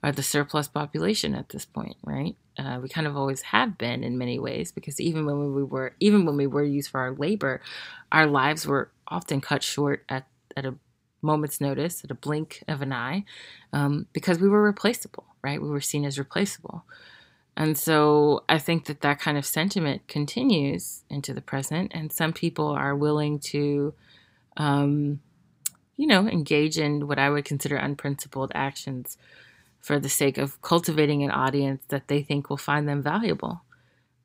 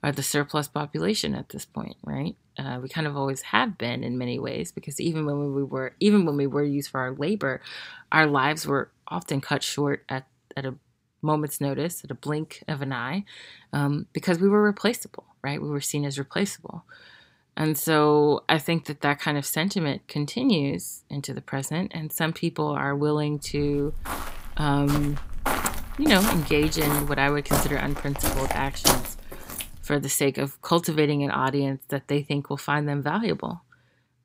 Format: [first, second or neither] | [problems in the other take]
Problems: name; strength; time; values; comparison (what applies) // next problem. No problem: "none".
first | footsteps; loud; from 24 to 30 s; peak 4 dB above the speech